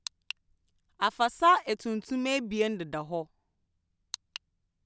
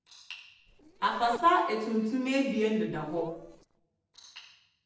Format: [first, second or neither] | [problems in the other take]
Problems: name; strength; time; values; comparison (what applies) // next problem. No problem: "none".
first | noise reduction (neural separator model SepFormer DNS4)